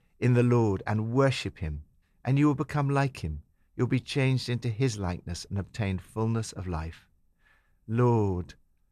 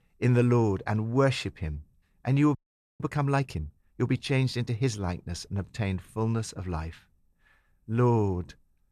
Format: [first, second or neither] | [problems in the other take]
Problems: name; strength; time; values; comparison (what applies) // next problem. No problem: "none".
first | audio freezing; at 2.5 s